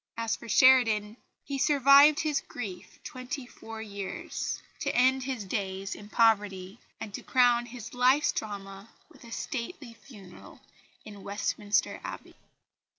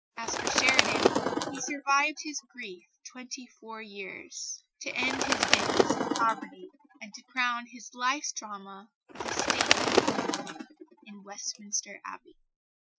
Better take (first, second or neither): first